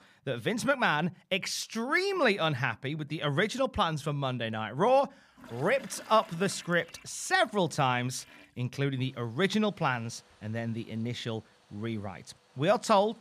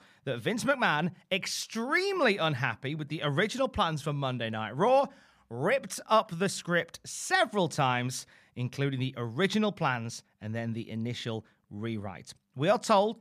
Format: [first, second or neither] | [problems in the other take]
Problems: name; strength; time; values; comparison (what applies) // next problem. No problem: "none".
second | household noises; faint; from 5.5 s on; 25 dB below the speech